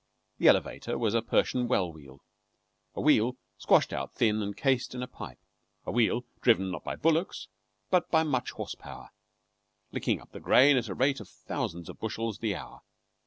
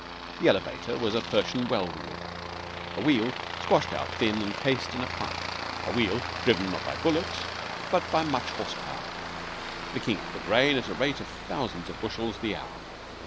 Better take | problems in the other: first | background sound (Aircraft); 6 dB below the speech

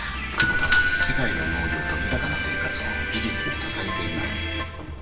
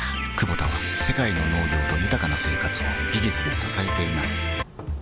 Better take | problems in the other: second | background sound (Doorbell); 4 dB below the speech // room echo; dies away in 1.3 s

